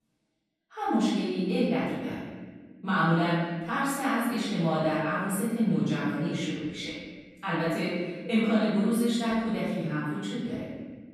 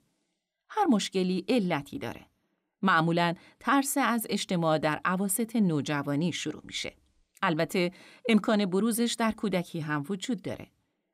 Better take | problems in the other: second | off-mic speech; far // room echo; strong; dies away in 1.4 s

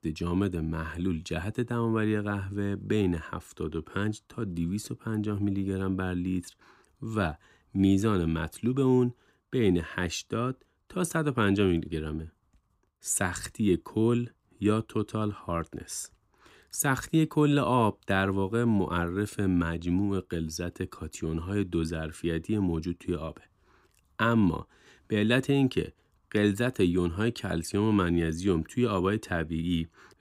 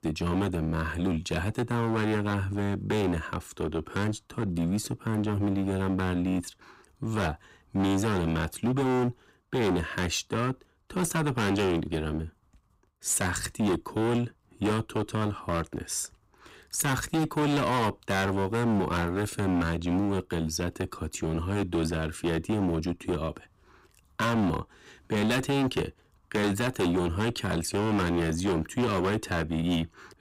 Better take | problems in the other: first | distortion; heavy; 17% of the sound clipped

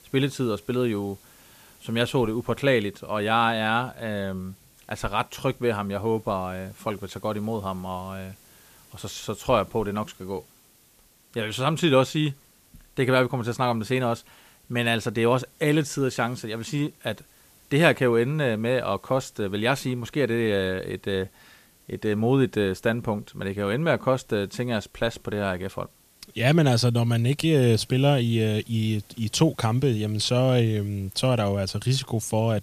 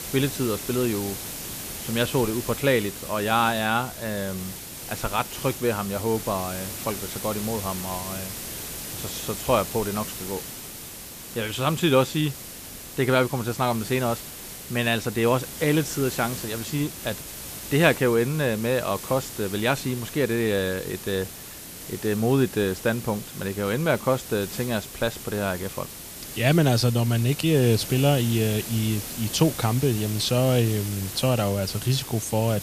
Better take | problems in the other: first | hiss; loud; throughout; 9 dB below the speech; faint in the first

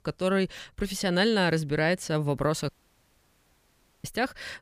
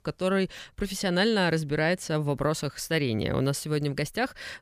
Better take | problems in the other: second | audio cutting out; at 2.5 s for 1.5 s

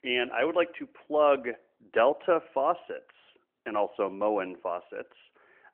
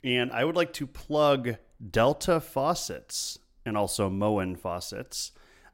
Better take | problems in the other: second | phone-call audio; nothing above 3 kHz

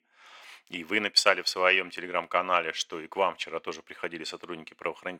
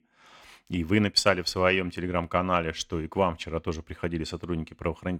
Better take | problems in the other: second | thin; somewhat; fading below 450 Hz

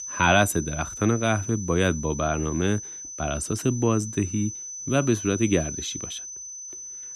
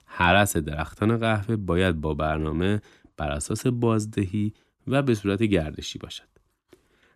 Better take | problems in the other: second | high-pitched whine; loud; throughout; 6 kHz, 9 dB below the speech

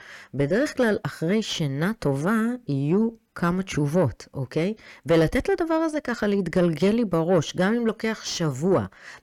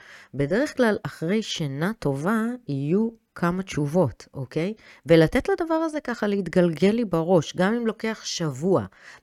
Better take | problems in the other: second | distortion; slight; 10 dB below the speech

